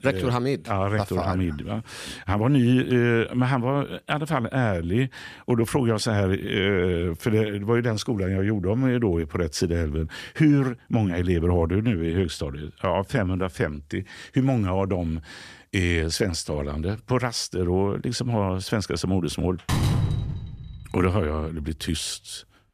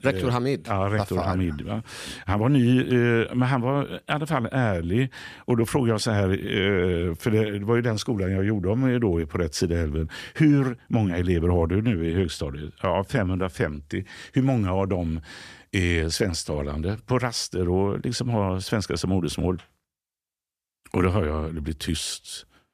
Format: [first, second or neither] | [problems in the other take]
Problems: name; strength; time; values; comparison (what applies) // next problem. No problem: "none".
second | door banging; loud; from 20 to 21 s; peak 2 dB above the speech